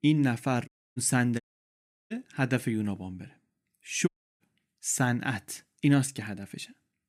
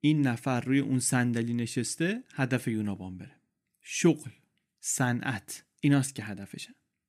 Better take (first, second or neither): second